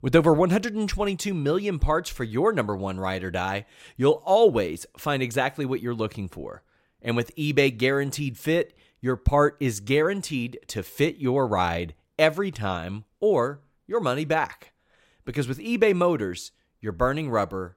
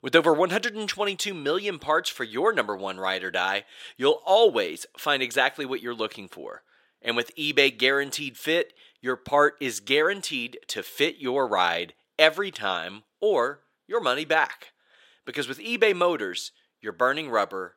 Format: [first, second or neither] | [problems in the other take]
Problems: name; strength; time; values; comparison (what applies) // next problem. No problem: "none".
first | thin; somewhat; fading below 350 Hz